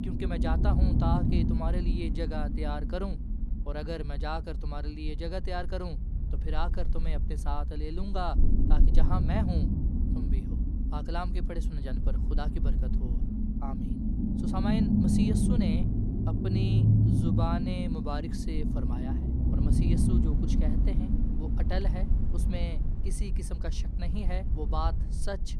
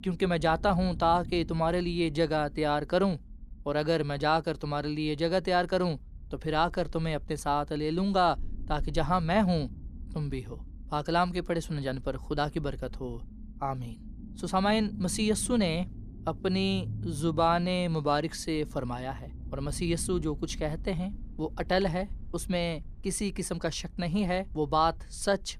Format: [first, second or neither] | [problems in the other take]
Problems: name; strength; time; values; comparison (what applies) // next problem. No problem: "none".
second | low rumble; loud; throughout; as loud as the speech; faint in the second